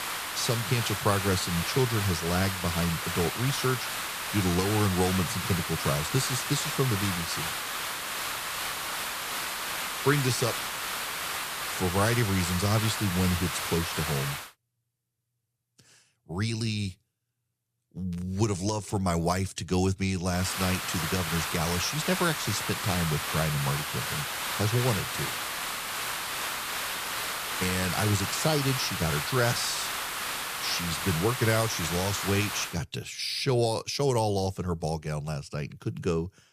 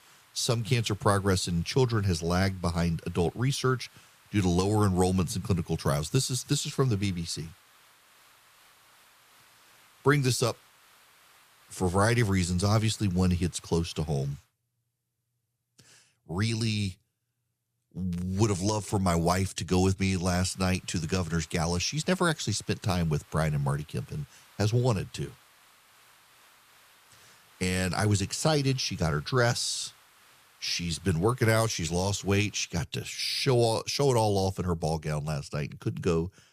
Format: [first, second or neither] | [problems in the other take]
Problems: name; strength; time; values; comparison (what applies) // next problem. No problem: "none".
second | hiss; loud; until 14 s and from 20 to 33 s; 2 dB below the speech; faint in the second